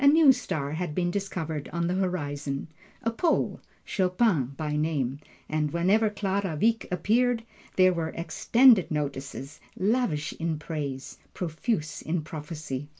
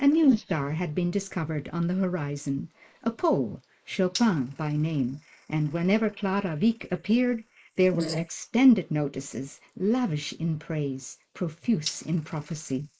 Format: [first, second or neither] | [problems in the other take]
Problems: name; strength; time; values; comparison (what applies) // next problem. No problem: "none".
first | noise reduction (neural mask model Resemble Enhance denoiser)